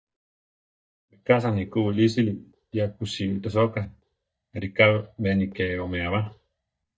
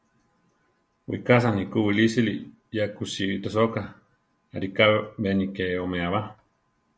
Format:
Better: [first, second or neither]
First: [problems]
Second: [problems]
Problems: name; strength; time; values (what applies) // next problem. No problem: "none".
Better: second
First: noise reduction (neural mask model DeepFilterNet 3)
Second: none